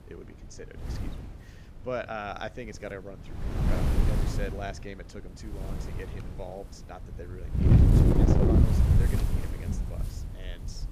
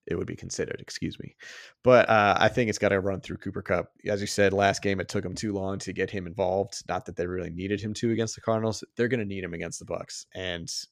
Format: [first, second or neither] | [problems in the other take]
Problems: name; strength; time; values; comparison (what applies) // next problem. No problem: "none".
second | wind noise on the microphone; heavy; 5 dB above the speech